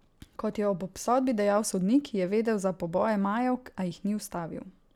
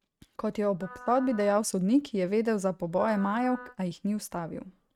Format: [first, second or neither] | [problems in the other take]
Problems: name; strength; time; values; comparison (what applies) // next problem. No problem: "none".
first | noise reduction (neural mask model RNNoise)